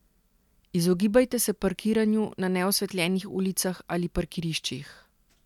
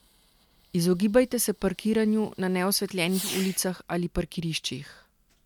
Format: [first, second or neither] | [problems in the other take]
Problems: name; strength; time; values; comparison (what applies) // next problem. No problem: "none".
first | background sound (Fireworks); 17 dB below the speech